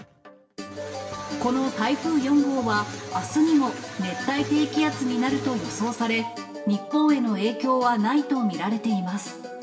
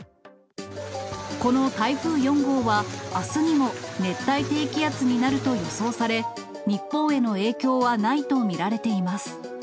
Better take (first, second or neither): second